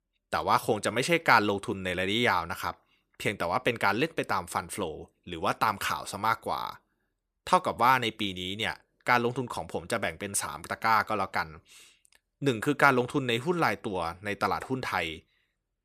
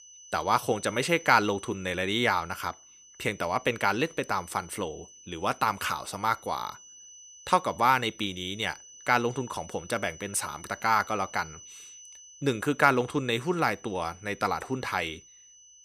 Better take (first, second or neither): first